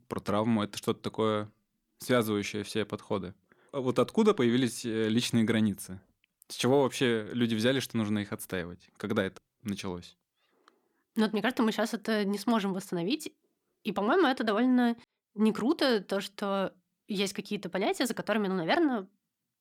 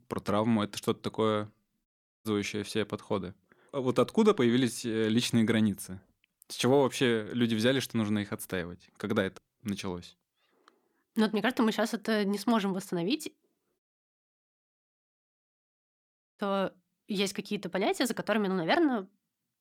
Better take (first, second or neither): first